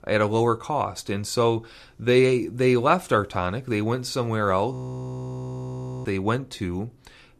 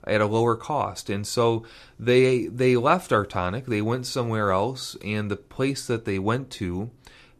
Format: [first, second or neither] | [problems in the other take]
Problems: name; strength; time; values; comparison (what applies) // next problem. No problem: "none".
second | audio freezing; at 4.5 s for 1.5 s